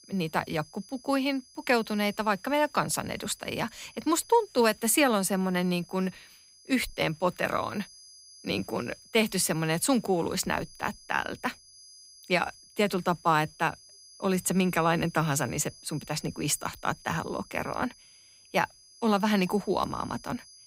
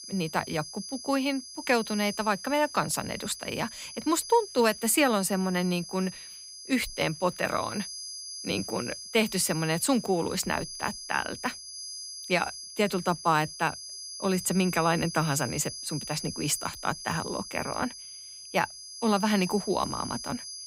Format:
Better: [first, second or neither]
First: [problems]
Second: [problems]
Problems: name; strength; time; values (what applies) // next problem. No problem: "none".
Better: first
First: high-pitched whine; faint; throughout; 5 kHz, 20 dB below the speech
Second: high-pitched whine; loud; throughout; 5 kHz, 10 dB below the speech